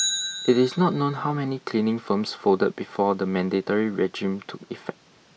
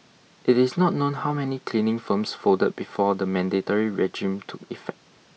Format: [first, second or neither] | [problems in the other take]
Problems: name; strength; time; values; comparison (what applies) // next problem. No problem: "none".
second | background sound (Bicycle); 12 dB below the speech